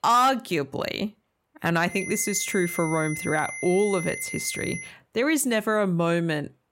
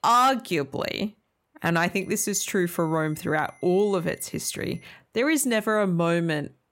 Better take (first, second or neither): second